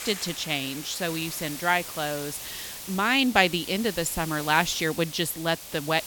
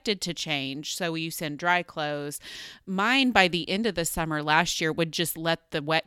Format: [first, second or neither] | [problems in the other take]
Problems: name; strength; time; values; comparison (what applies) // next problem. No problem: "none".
second | hiss; noticeable; throughout; 10 dB below the speech